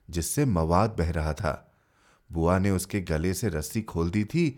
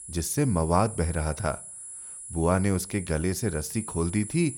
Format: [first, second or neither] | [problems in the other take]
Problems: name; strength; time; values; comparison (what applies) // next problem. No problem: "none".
first | high-pitched whine; noticeable; throughout; 10.5 kHz, 10 dB below the speech